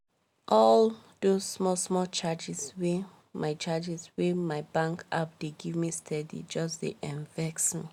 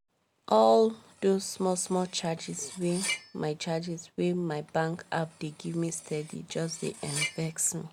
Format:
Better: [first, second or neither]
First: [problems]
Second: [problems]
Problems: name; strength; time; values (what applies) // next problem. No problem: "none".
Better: first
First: none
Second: background sound (Cutlery, silverware); 13 dB below the speech